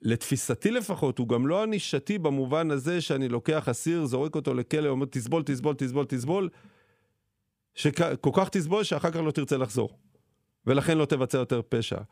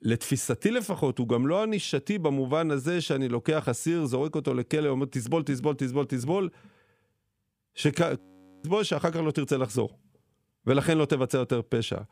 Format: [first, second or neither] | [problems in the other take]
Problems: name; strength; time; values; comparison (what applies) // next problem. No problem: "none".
first | audio freezing; at 8 s